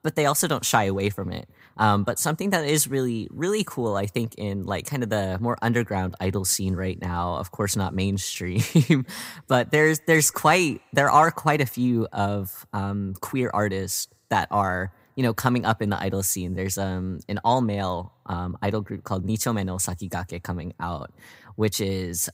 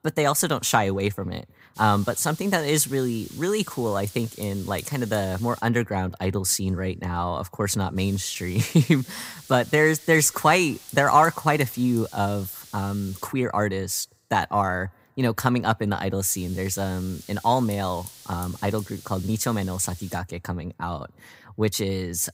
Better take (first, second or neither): first